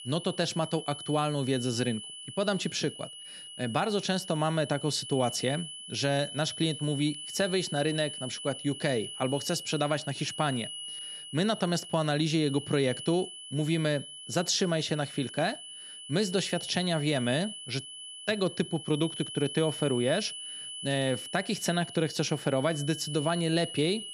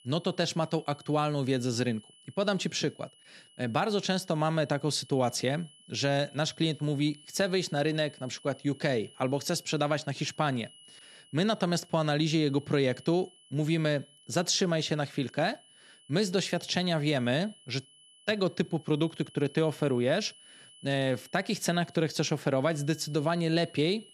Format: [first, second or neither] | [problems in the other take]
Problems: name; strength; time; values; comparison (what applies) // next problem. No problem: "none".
second | high-pitched whine; loud; throughout; 3 kHz, 9 dB below the speech; faint in the second